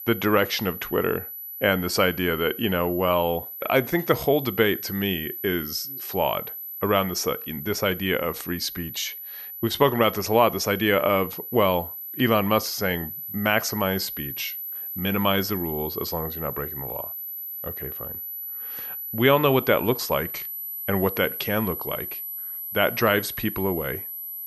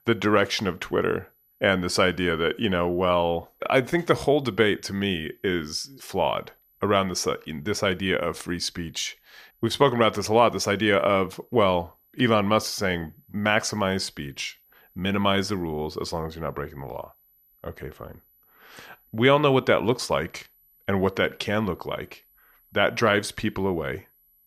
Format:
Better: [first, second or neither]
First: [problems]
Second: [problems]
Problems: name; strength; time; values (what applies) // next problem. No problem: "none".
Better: second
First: high-pitched whine; loud; throughout; 12 kHz, 8 dB below the speech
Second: high-pitched whine; faint; throughout; 12 kHz, 35 dB below the speech